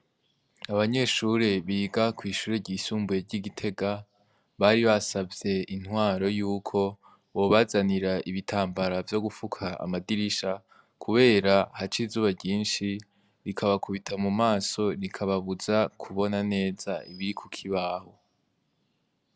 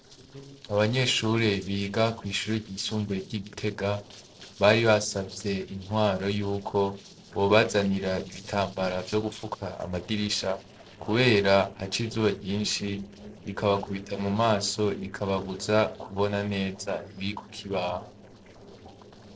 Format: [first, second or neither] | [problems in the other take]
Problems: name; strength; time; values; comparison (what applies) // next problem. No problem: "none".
first | noise reduction (neural separator model SepFormer DNS4)